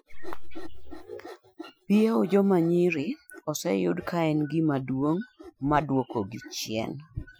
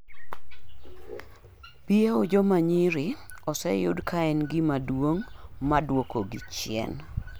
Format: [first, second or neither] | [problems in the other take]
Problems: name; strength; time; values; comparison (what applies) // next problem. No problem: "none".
second | noise reduction (classical method Wiener filter)